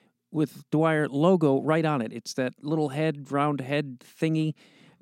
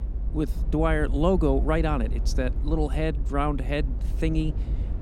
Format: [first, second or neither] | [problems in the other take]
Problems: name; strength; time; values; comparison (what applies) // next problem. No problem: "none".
first | low rumble; noticeable; throughout; 20 dB below the speech